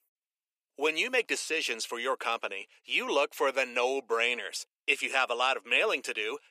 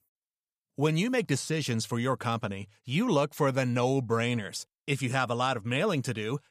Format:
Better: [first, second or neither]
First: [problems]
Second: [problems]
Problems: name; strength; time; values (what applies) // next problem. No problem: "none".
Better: second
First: thin; very; fading below 350 Hz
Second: none